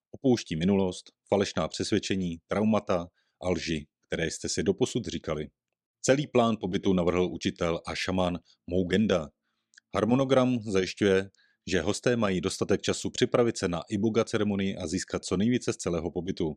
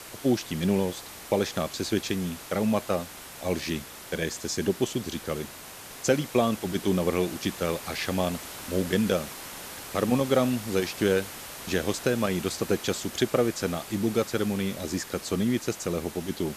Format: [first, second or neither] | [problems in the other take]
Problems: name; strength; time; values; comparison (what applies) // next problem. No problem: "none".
first | hiss; noticeable; throughout; 10 dB below the speech